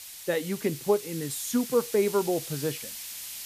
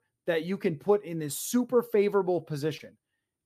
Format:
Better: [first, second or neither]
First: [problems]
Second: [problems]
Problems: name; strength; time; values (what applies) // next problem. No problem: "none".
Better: second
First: hiss; loud; throughout; 9 dB below the speech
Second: none